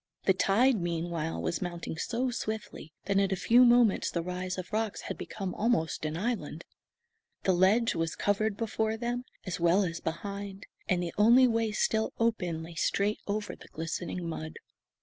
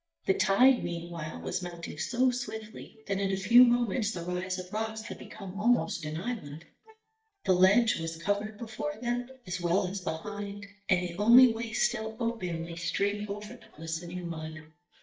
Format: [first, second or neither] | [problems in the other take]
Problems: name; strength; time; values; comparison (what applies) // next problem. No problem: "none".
first | noise reduction (neural mask model DeepFilterNet 3)